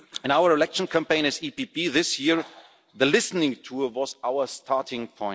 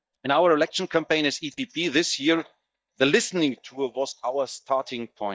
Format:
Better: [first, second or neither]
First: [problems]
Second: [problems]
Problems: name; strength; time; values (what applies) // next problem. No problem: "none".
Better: first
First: none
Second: noise reduction (neural mask model DeepFilterNet 3)